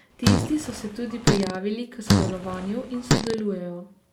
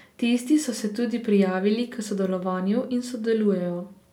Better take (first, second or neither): second